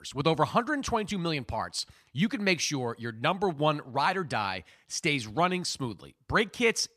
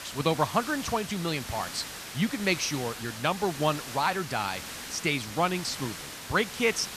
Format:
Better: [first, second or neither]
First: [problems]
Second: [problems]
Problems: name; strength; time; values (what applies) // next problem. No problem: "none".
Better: first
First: none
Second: hiss; loud; throughout; 9 dB below the speech